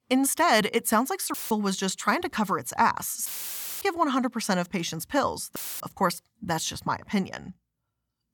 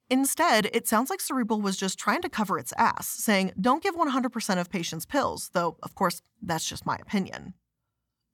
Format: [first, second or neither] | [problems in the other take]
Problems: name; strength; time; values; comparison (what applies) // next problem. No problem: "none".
second | audio cutting out; filled with static; at 1.5 s, at 3.5 s for 0.5 s and at 5.5 s